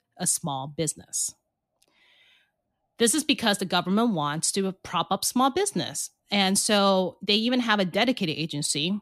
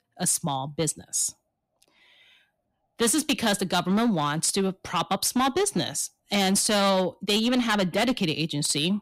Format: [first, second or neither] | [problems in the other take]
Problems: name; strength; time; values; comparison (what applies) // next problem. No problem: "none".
first | distortion; slight; 8% of the sound clipped